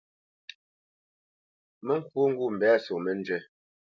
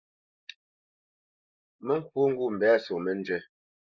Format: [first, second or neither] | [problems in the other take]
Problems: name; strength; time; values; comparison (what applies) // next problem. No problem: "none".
first | noise reduction (neural mask model Resemble Enhance denoiser)